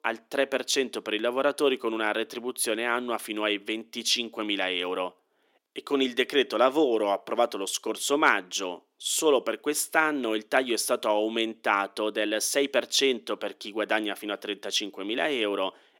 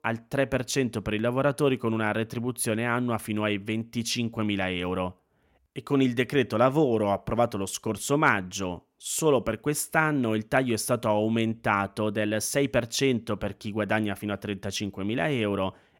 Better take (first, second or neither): second